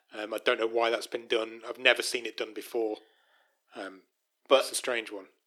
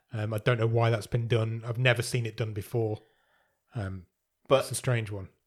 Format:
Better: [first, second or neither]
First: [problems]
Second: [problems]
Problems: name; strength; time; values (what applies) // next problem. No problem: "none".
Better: second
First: thin; very; fading below 300 Hz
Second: none